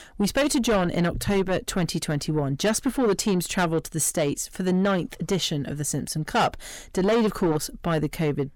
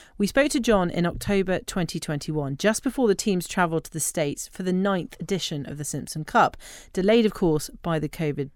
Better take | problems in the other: second | distortion; heavy; 8 dB below the speech

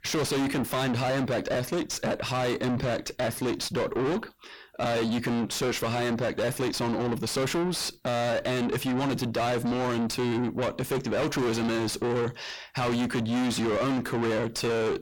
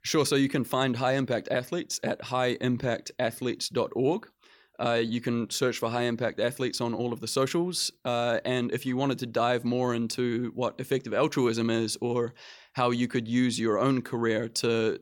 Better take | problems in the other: second | distortion; heavy; 5 dB below the speech

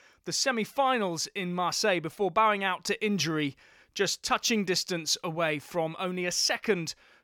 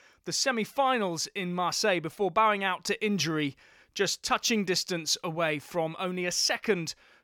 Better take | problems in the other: neither | none

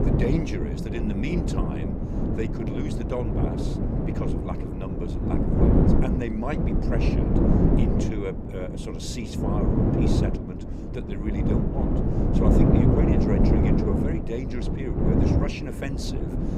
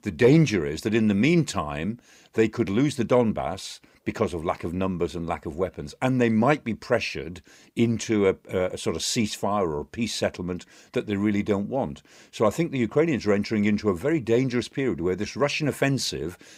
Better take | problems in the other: second | wind noise on the microphone; heavy; 5 dB above the speech

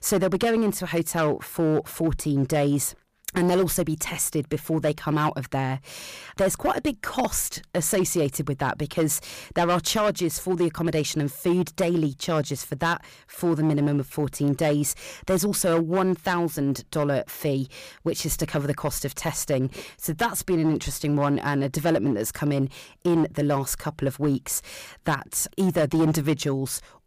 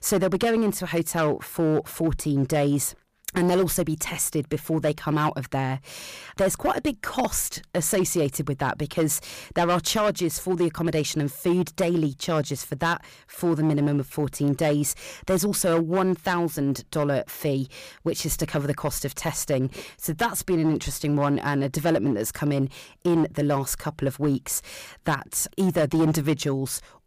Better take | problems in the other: neither | distortion; slight; 6% of the sound clipped; the same in both

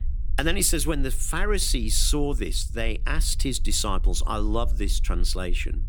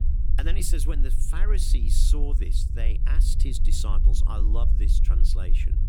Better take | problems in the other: first | low rumble; loud; throughout; 8 dB below the speech; faint in the first

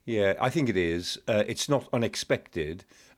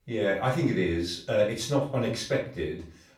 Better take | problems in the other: first | off-mic speech; far // room echo; slight; dies away in 0.4 s

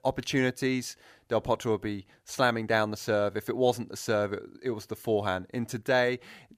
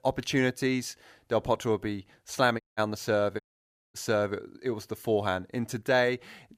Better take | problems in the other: first | audio cutting out; at 2.5 s and at 3.5 s for 0.5 s

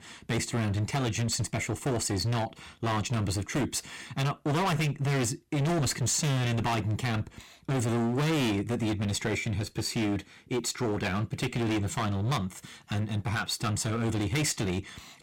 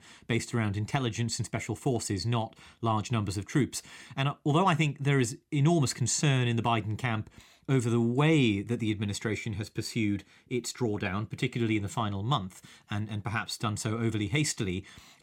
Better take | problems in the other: second | distortion; heavy; 24% of the sound clipped

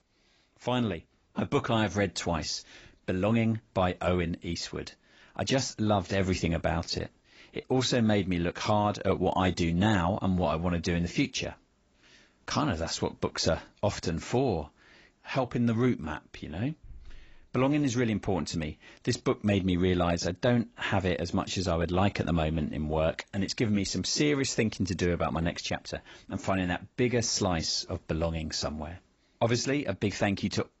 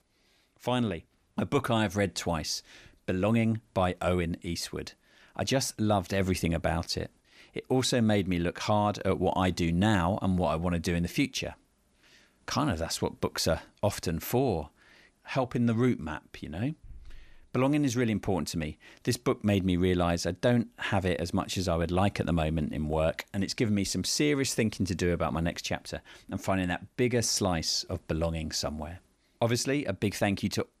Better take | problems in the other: second | garbled, watery; badly; nothing above 7.5 kHz

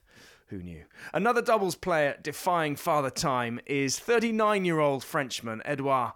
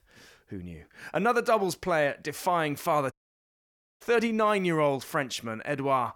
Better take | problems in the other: first | audio cutting out; at 3 s for 1 s

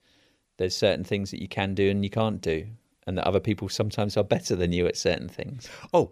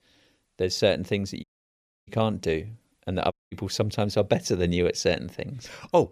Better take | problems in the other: first | audio cutting out; at 1.5 s for 0.5 s and at 3.5 s

